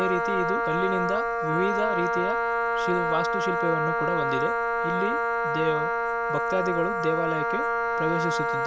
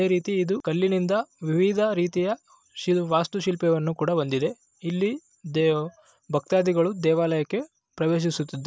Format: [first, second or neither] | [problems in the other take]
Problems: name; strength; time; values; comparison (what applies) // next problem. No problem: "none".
second | background sound (Wind instrument, woodwind instrument); 5 dB above the speech